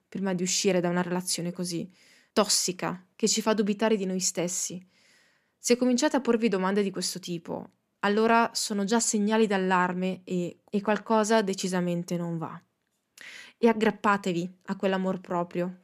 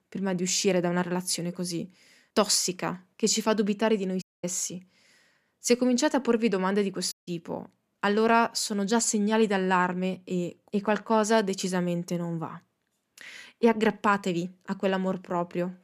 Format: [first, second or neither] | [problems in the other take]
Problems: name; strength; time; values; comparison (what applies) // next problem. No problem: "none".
first | audio cutting out; at 4 s and at 7 s